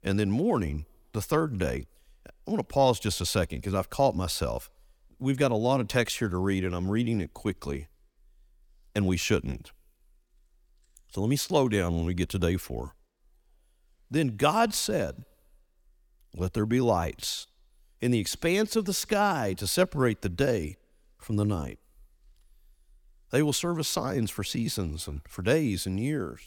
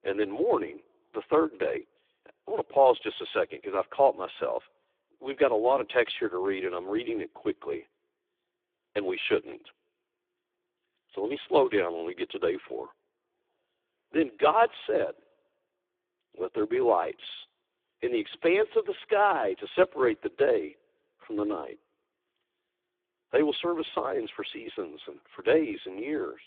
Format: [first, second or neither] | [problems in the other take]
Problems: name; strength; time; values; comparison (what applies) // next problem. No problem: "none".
first | phone-call audio; poor line; nothing above 3.5 kHz